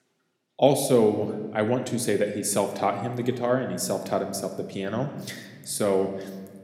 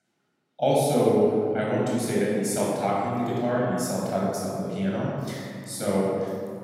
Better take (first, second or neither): first